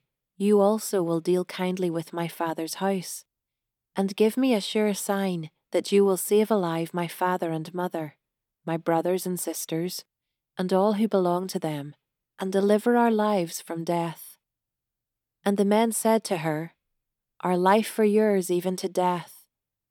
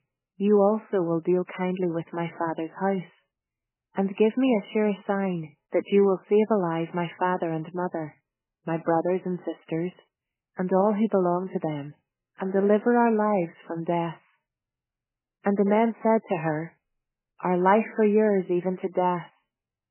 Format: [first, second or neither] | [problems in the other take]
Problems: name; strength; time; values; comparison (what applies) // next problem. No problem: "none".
first | garbled, watery; badly; nothing above 3 kHz